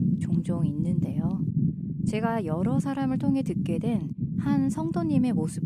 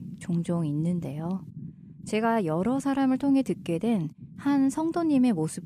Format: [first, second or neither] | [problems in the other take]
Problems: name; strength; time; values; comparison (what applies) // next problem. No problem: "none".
second | low rumble; loud; throughout; 4 dB below the speech; faint in the second